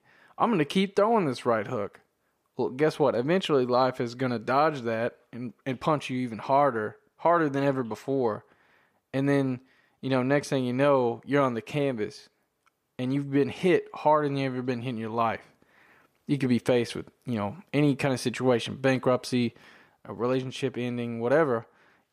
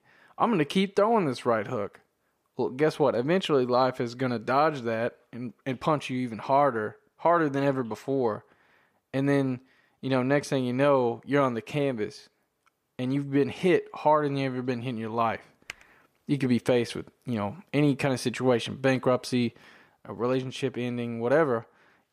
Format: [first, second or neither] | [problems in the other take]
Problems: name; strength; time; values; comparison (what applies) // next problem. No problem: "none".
first | keyboard typing; very faint; at 16 s; peak 15 dB below the speech